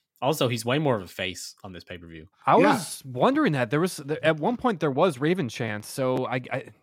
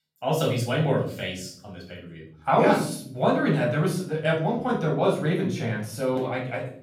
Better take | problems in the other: first | off-mic speech; far // room echo; noticeable; dies away in 0.5 s

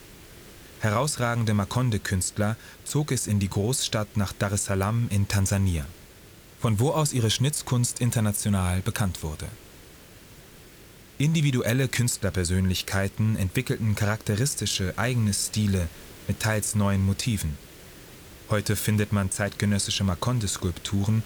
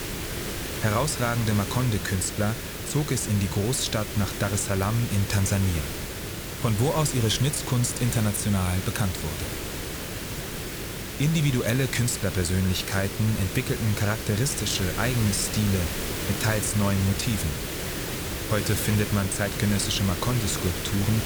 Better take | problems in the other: first | hiss; loud; throughout; 5 dB below the speech; faint in the first

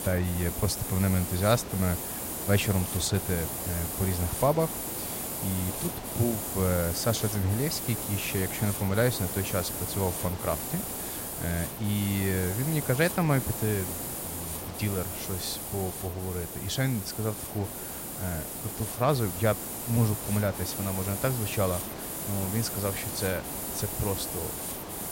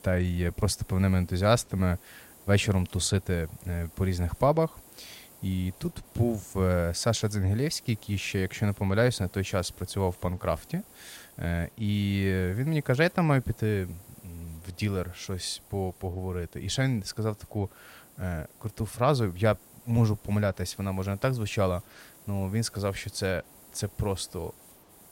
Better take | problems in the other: second | hiss; loud; throughout; 3 dB below the speech; faint in the second

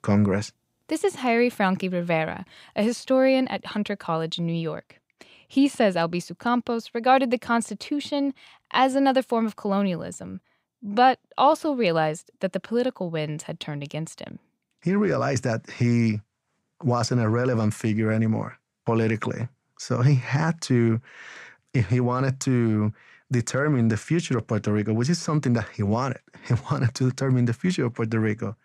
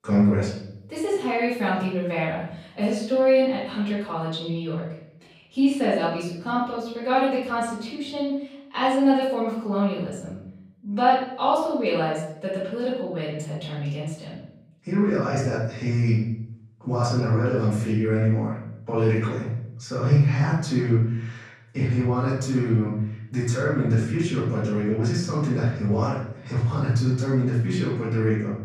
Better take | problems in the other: first | off-mic speech; far // room echo; noticeable; dies away in 0.7 s

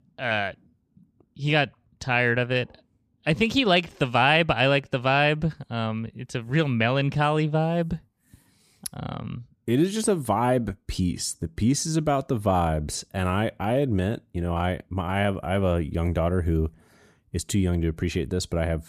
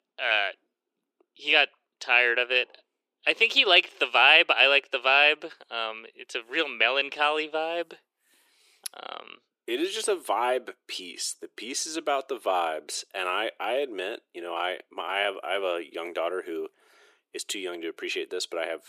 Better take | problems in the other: first | thin; very; fading below 350 Hz

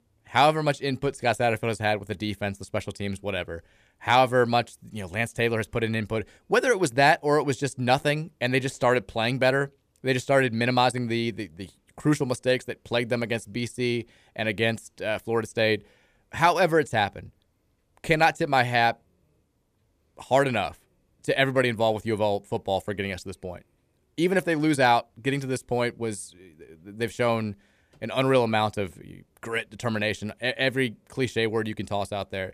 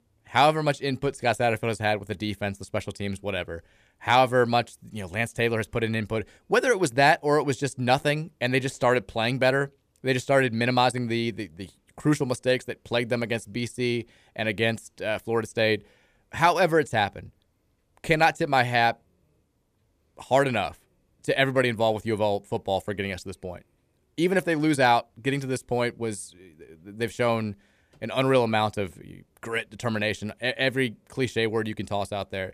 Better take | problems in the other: neither | none

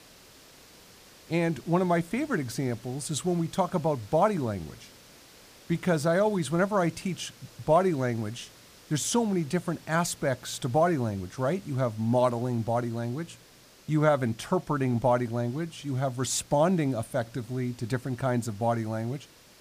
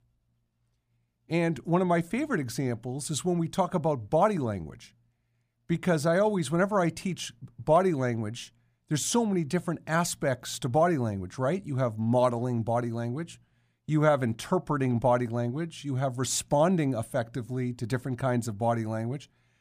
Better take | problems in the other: second | hiss; faint; throughout; 25 dB below the speech

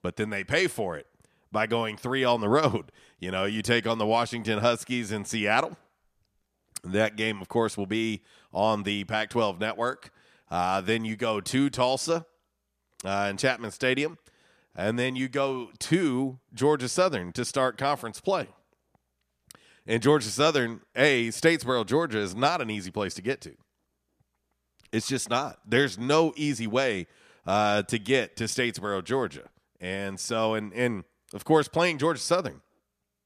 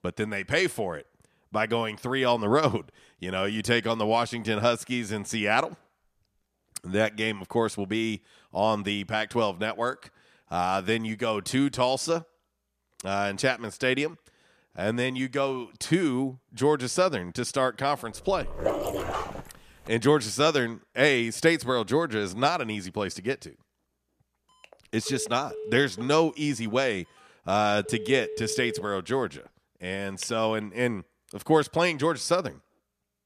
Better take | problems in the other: first | dog barking; noticeable; from 18 to 19 s; peak 2 dB below the speech // phone ringing; noticeable; from 25 to 31 s; peak 8 dB below the speech

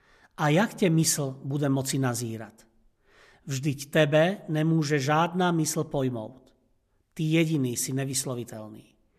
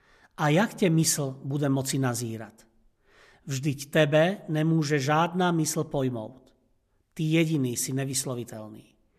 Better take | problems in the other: neither | none

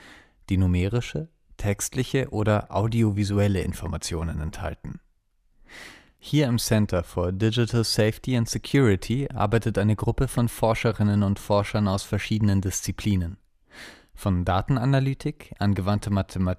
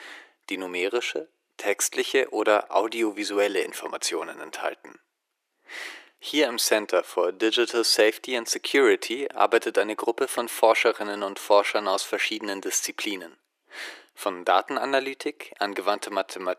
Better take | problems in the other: first | thin; very; fading below 350 Hz

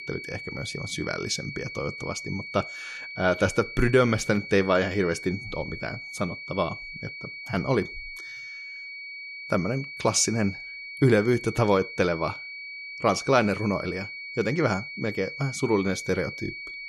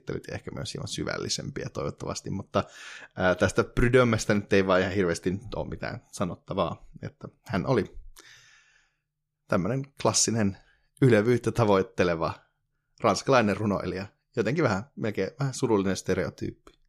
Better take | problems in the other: second | high-pitched whine; loud; throughout; 2.5 kHz, 10 dB below the speech

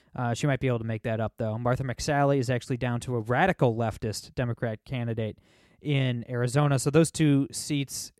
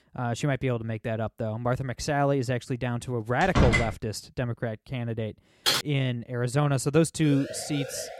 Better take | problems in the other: first | door banging; loud; at 3.5 s; peak 4 dB above the speech // keyboard typing; loud; at 5.5 s; peak 3 dB above the speech // siren; noticeable; at 7 s; peak 10 dB below the speech

